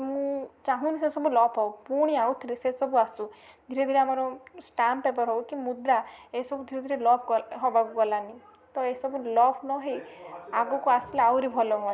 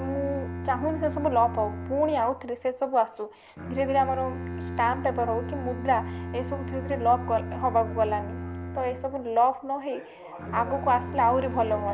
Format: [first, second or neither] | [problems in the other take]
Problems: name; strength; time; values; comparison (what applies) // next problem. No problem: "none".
first | background sound (Bowed string instrument); 8 dB below the speech